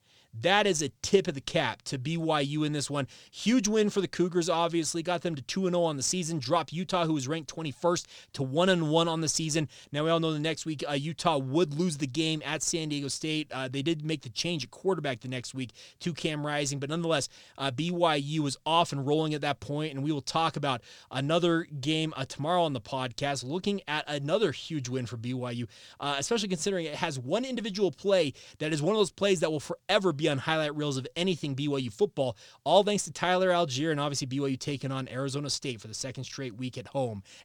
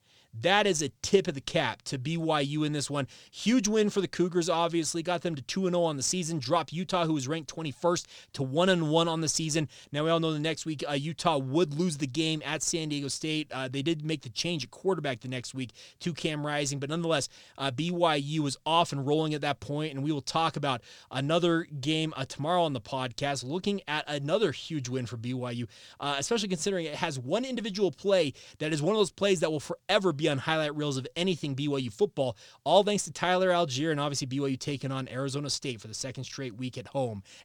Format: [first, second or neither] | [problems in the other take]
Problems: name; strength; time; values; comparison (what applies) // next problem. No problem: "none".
neither | none